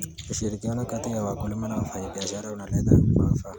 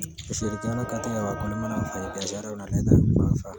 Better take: first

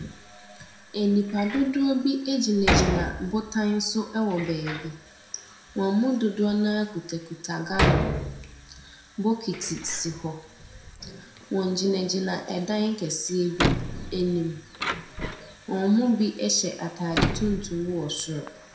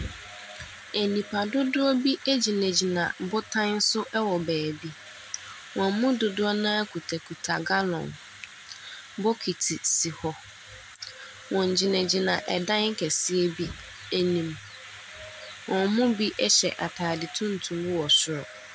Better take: second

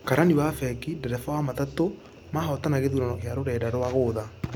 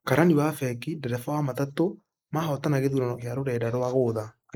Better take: first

